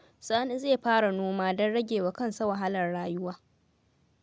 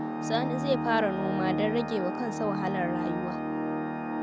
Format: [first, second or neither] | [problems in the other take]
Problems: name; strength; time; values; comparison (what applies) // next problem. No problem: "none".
first | background sound (Organ); as loud as the speech